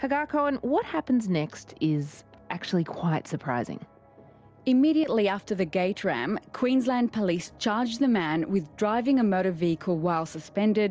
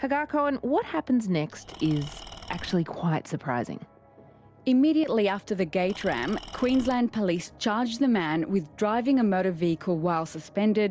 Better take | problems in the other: first | background sound (Engine / Tools); 17 dB below the speech

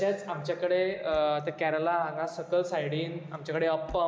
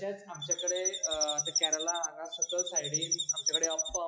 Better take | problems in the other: first | noise reduction (classical method log-MMSE)

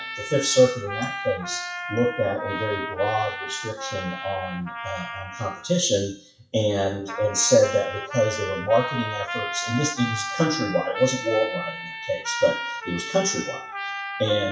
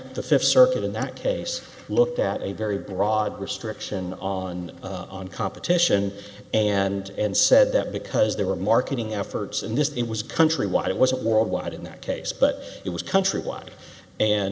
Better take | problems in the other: second | noise reduction (classical method WPE with log-MMSE)

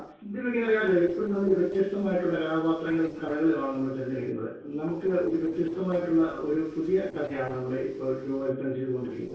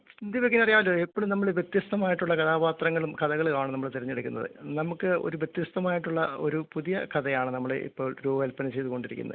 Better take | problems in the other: second | noise reduction (neural separator model SepFormer DNS4)

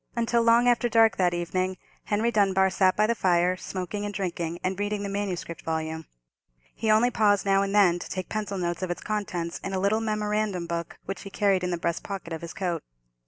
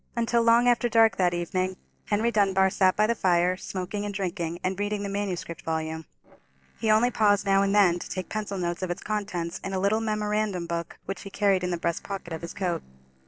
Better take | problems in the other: first | noise reduction (neural separator model SepFormer DNS4)

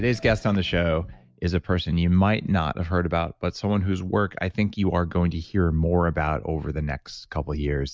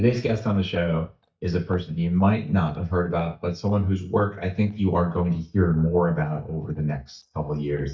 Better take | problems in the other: first | noise reduction (neural mask model DeepFilterNet 3)

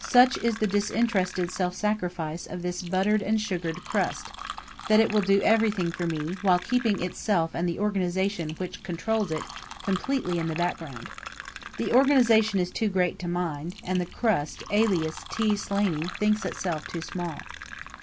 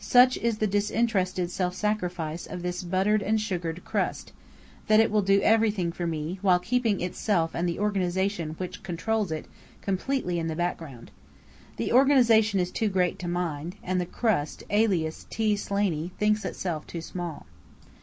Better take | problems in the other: second | background sound (Fill (with liquid)); 15 dB below the speech

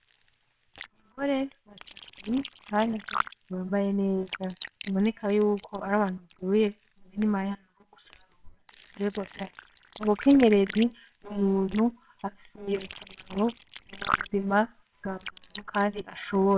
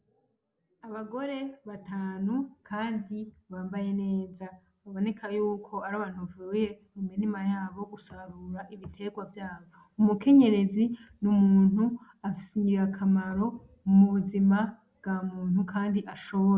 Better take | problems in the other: second | noise reduction (neural separator model SepFormer WHAMR!)

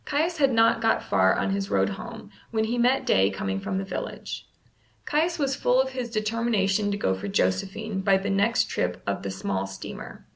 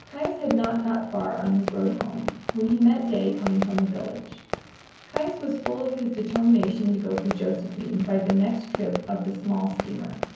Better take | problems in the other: first | background sound (Fireworks); 10 dB below the speech // room echo; dies away in 0.9 s

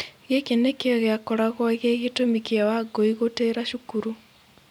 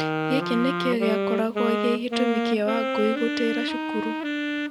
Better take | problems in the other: first | background sound (Wind instrument, woodwind instrument); as loud as the speech

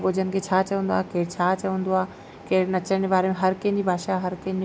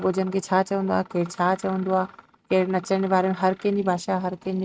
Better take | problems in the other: first | noise reduction (neural mask model RNNoise)

